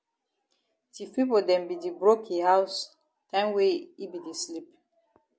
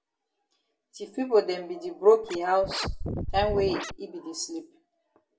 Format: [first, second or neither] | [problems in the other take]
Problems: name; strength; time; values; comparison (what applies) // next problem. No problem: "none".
first | background sound (Scratching (performance technique)); 5 dB below the speech // room echo; dies away in 0.2 s